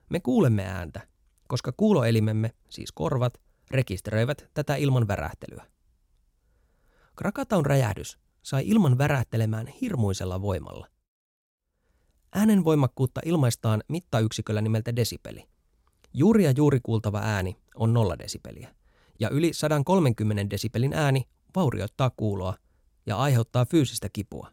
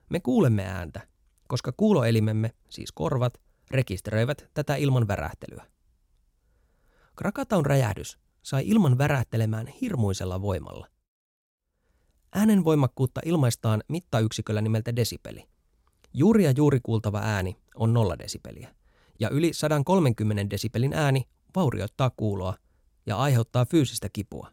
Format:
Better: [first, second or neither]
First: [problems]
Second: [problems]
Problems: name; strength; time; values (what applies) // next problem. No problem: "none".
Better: neither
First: none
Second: none